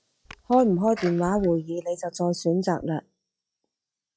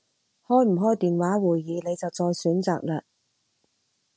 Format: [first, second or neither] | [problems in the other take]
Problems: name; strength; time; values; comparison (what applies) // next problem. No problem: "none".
second | noise reduction (classical method log-MMSE)